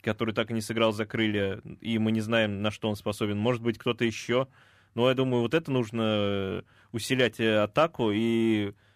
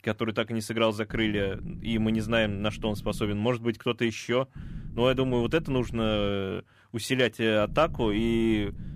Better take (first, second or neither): first